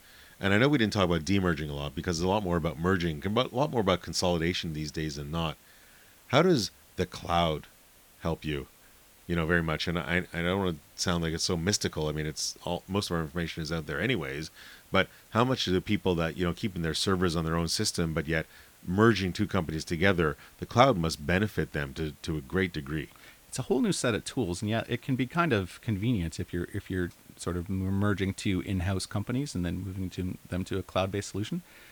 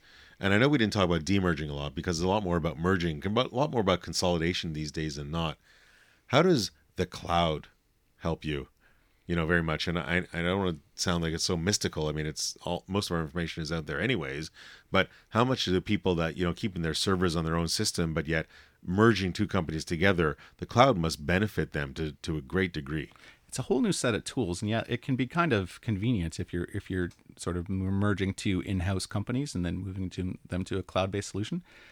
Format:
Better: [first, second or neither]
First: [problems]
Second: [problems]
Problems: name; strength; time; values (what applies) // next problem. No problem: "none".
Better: second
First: hiss; faint; throughout; 25 dB below the speech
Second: none